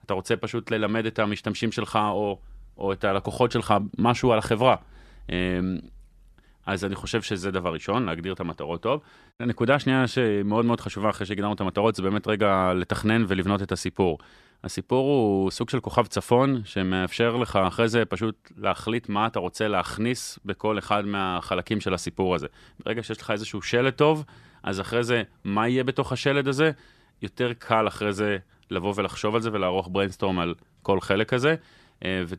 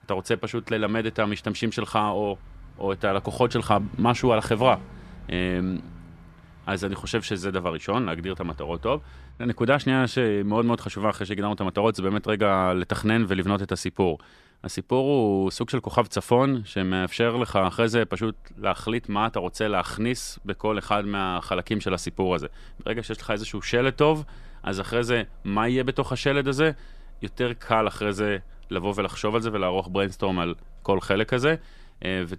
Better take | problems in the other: first | traffic noise; faint; throughout; 25 dB below the speech

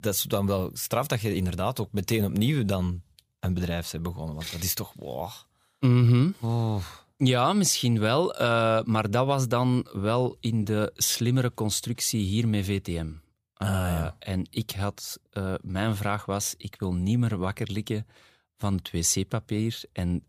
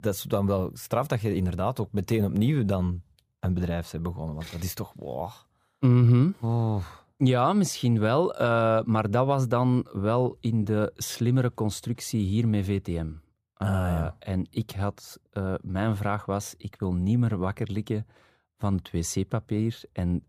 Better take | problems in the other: first | muffled; slightly; fading above 2 kHz

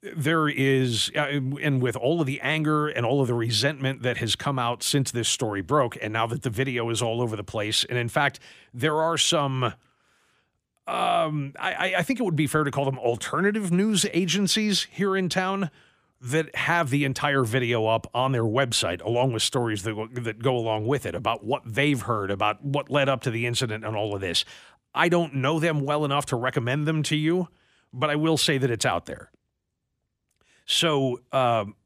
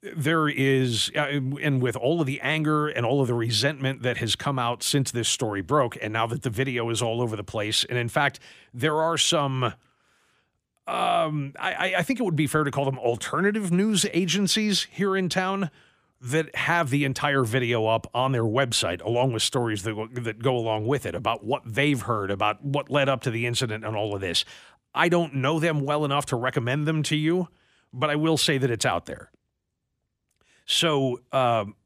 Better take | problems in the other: neither | none

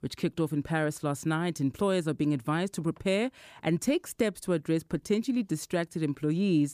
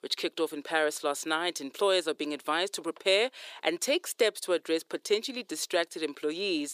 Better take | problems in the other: first | thin; very; fading below 400 Hz

